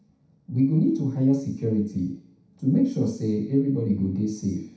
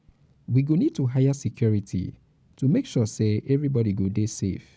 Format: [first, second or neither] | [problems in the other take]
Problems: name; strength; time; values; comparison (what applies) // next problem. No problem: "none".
second | room echo; dies away in 0.7 s